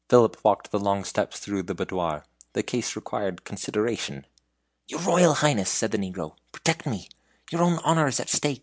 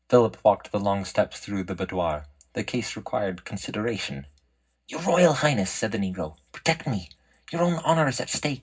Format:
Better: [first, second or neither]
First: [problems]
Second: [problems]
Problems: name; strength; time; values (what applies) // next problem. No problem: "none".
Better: first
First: none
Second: room echo; dies away in 0.4 s